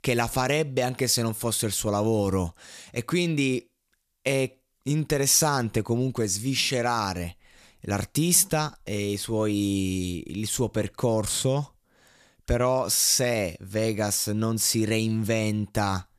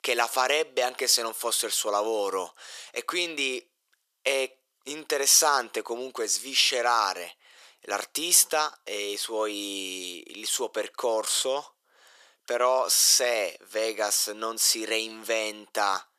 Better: first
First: none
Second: thin; very; fading below 400 Hz

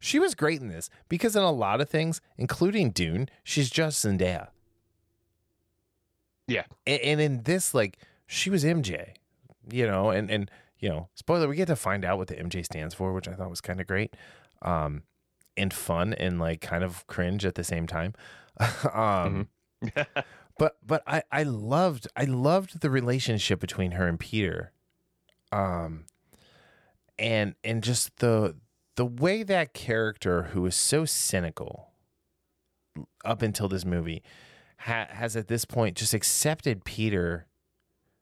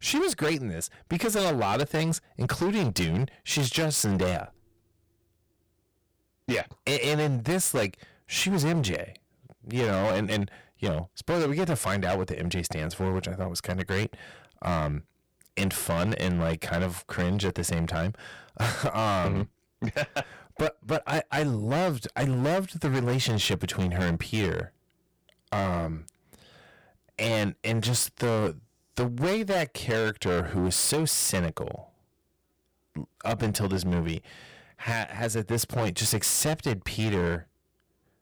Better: first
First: none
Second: distortion; heavy; 15% of the sound clipped

